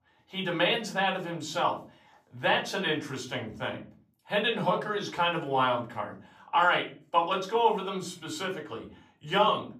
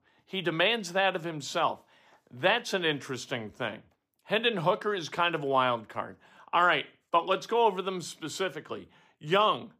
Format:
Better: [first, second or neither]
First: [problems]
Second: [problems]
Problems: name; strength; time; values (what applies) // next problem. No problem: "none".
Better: second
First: off-mic speech; somewhat distant // room echo; very slight; dies away in 0.4 s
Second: none